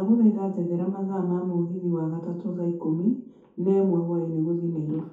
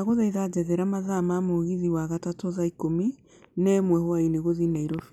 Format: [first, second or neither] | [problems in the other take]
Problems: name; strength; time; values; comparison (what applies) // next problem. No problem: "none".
second | room echo; dies away in 0.5 s